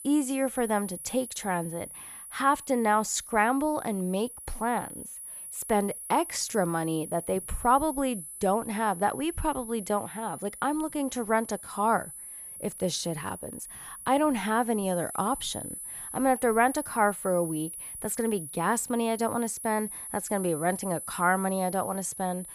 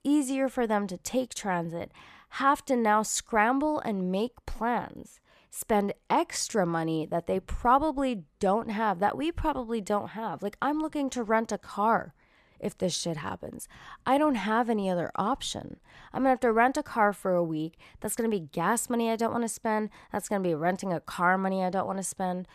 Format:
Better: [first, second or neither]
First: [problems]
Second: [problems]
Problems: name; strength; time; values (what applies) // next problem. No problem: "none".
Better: second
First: high-pitched whine; loud; throughout; 10 kHz, 10 dB below the speech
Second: none